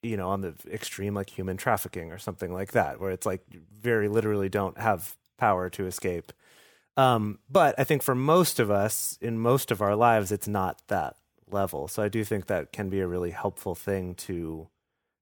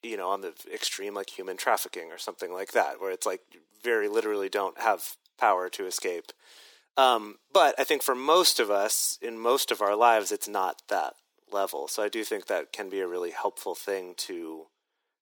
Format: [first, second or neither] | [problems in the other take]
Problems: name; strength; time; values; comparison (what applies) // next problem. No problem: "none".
first | thin; very; fading below 300 Hz